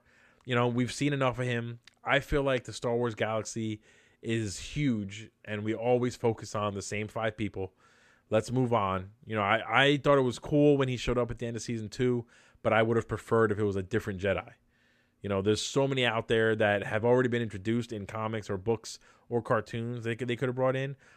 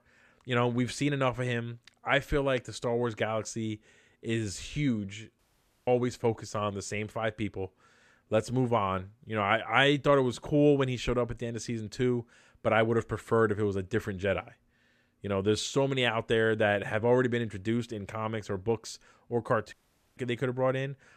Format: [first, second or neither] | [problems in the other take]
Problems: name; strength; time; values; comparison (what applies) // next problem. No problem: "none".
first | audio cutting out; at 5.5 s and at 20 s